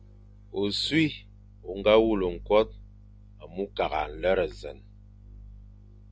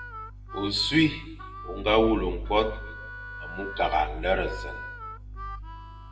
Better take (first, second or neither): first